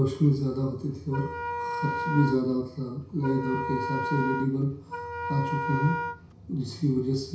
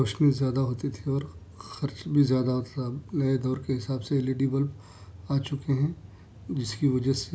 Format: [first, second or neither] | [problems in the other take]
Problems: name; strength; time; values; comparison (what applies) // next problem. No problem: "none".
second | background sound (Wind instrument, woodwind instrument); 5 dB below the speech // room echo; dies away in 0.6 s